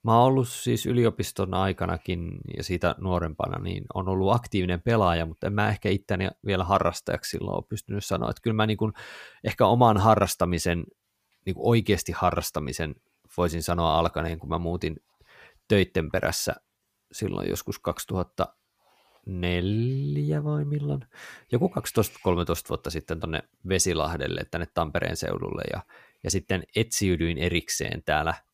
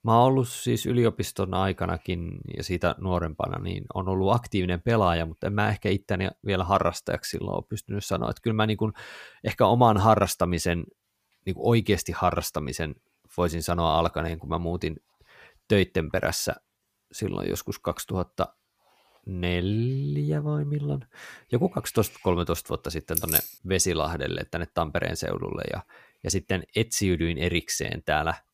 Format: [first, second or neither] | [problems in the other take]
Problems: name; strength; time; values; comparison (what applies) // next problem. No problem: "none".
first | jangling keys; loud; at 23 s; peak 3 dB above the speech